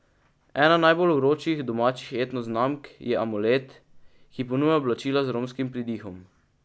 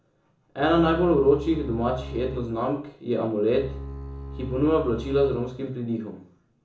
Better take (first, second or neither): first